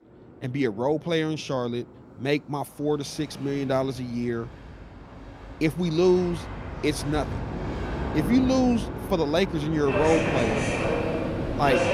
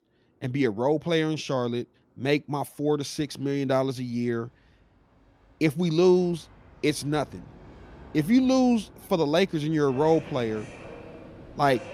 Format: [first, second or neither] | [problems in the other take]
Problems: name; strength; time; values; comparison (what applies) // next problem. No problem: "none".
second | train or aircraft noise; loud; throughout; 3 dB below the speech; faint in the second